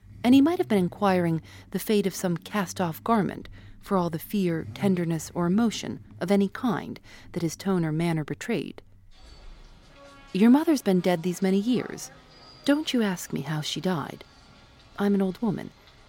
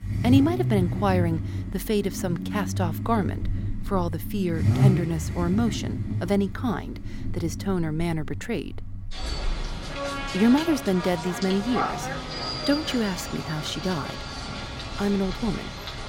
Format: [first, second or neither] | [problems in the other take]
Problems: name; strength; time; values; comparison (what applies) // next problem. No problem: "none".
first | traffic noise; loud; throughout; 3 dB below the speech; faint in the first